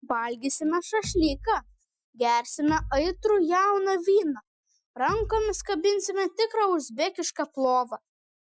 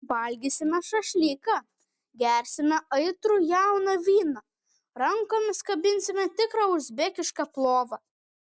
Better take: second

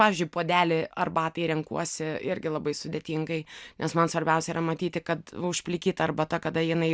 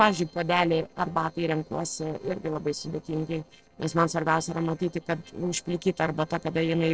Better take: first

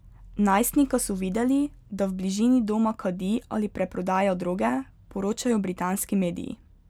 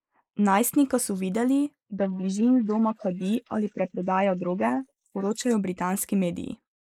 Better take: first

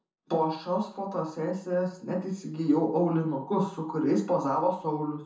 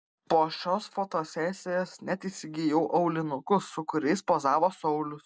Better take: second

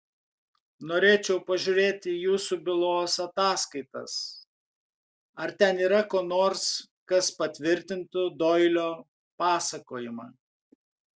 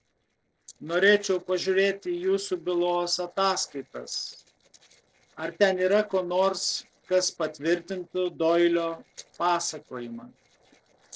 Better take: first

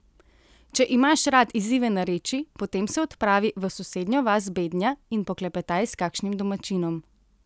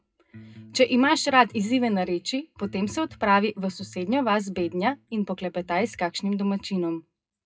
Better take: first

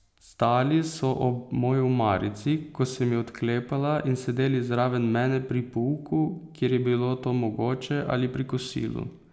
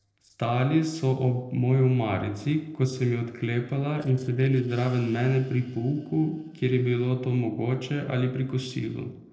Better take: first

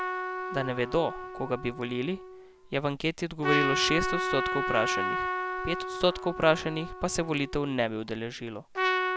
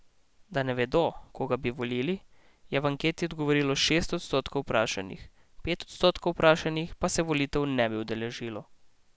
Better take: second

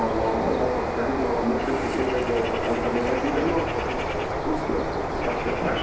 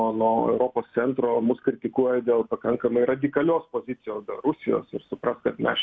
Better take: second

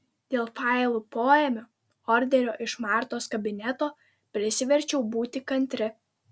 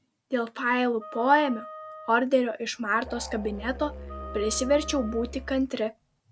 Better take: first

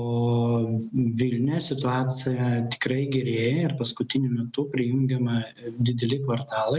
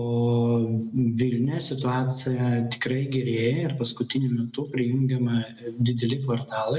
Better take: first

